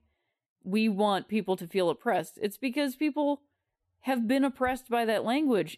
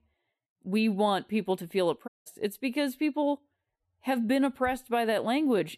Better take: first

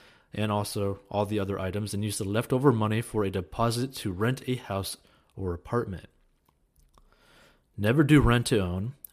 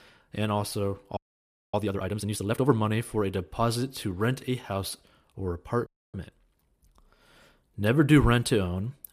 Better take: first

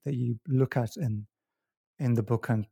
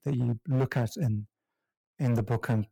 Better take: first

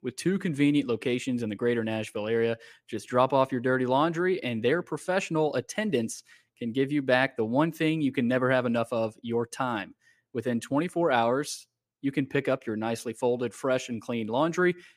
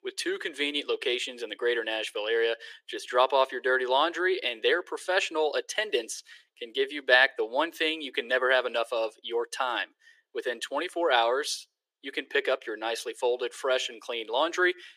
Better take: first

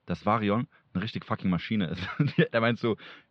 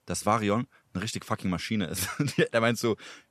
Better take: second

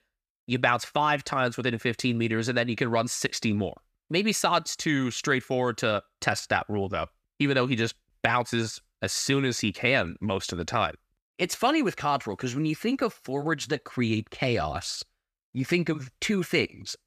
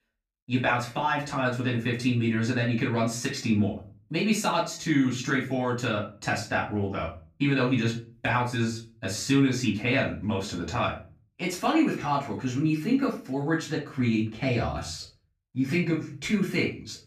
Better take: first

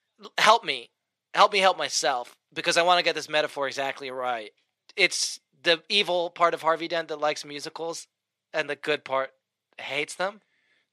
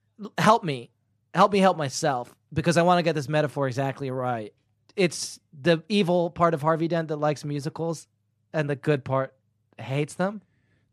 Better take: second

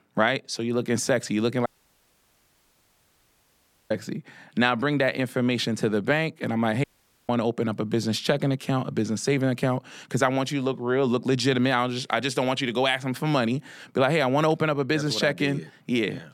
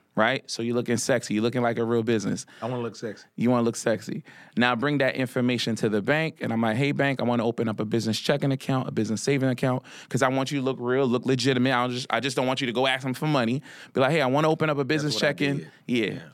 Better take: second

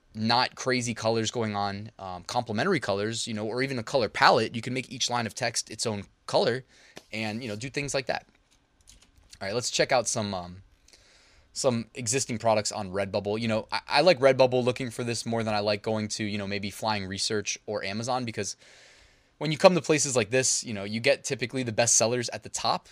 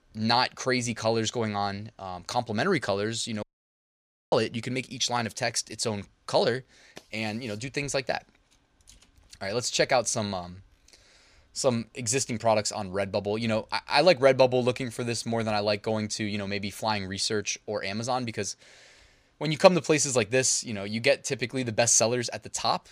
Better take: first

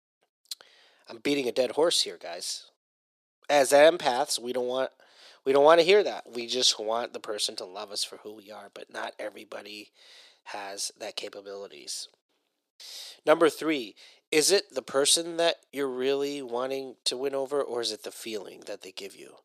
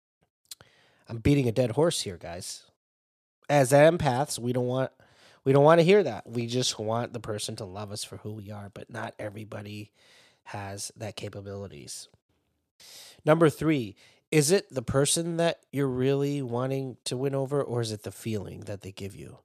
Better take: second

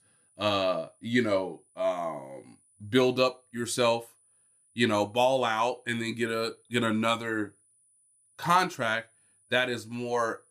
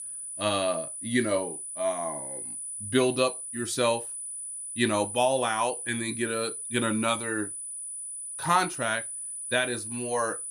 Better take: first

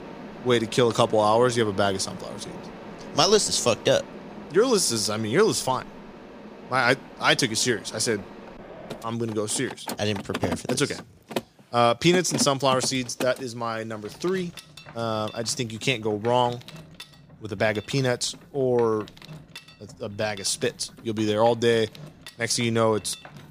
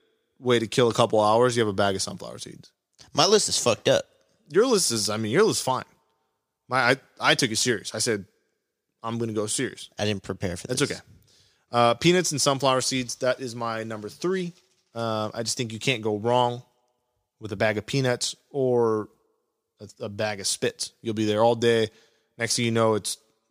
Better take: second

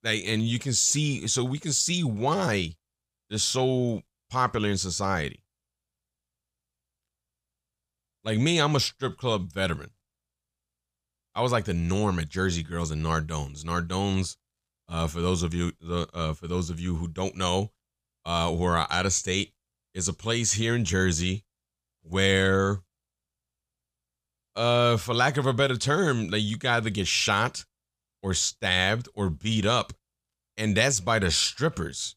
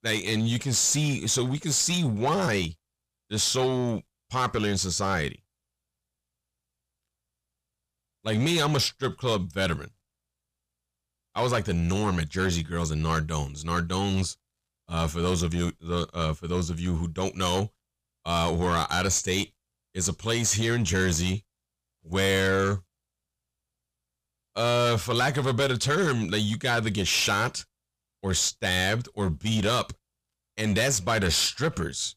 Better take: first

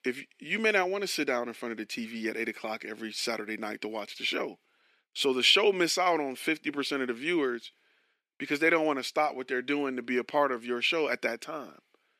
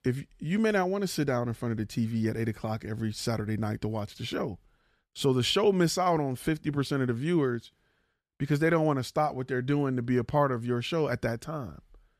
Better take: second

